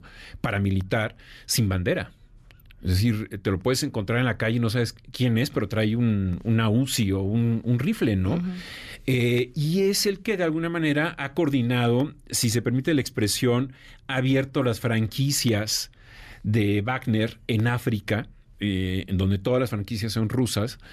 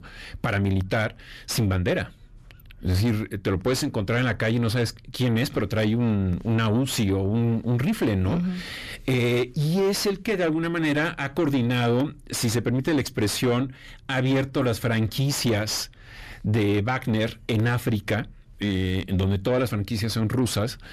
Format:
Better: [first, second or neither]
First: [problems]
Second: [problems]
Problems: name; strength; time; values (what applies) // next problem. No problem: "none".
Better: first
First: none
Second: distortion; slight; 9 dB below the speech